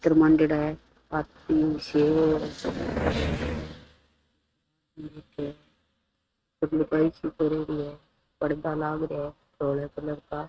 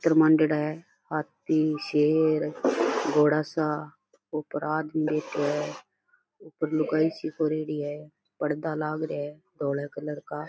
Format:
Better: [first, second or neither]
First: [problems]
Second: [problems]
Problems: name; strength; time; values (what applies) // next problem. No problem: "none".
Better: second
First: noise reduction (neural mask model RNNoise)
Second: none